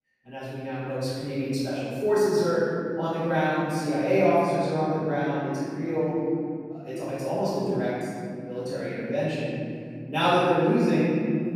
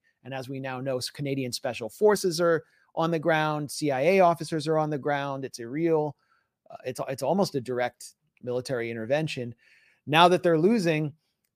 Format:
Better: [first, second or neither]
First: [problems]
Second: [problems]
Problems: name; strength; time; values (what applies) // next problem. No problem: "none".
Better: second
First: room echo; strong; dies away in 3 s // off-mic speech; far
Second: none